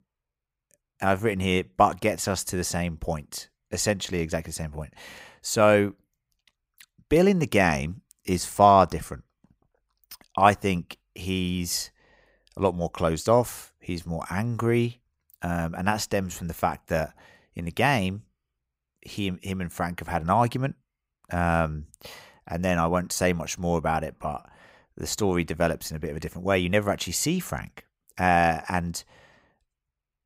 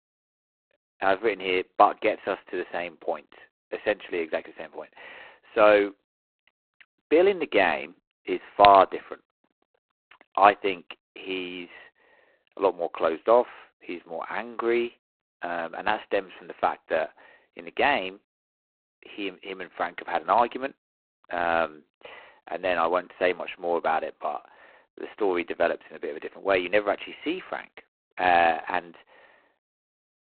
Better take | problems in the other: first | phone-call audio; poor line; nothing above 4 kHz

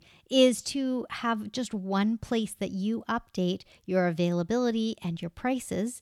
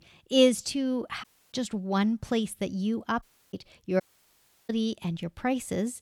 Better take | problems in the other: first | audio cutting out; at 1 s, at 3 s and at 4 s for 0.5 s

